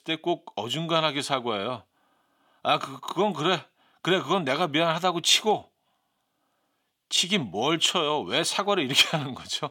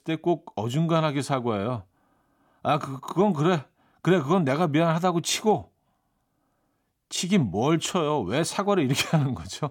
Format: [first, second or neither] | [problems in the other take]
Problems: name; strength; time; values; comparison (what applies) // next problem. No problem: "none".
second | thin; very slightly; fading below 950 Hz